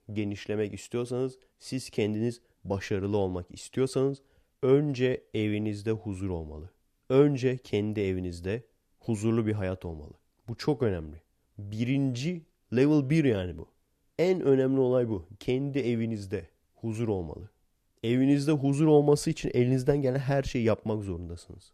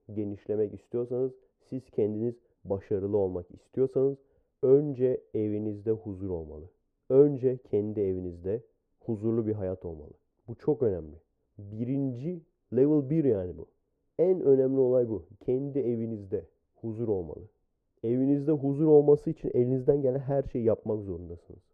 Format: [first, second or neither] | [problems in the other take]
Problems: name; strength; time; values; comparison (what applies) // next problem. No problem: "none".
first | muffled; very; fading above 1.5 kHz